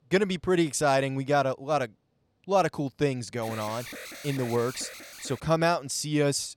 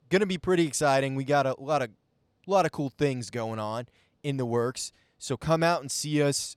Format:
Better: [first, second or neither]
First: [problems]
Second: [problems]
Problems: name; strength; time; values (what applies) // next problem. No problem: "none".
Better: second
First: alarm; faint; from 3.5 to 5.5 s; peak 10 dB below the speech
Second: none